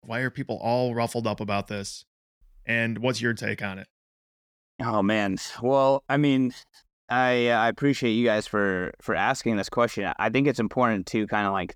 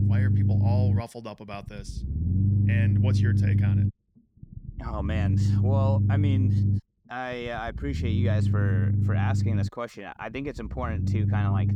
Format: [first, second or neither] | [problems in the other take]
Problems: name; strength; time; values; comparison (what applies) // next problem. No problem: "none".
first | low rumble; loud; throughout; 1 dB below the speech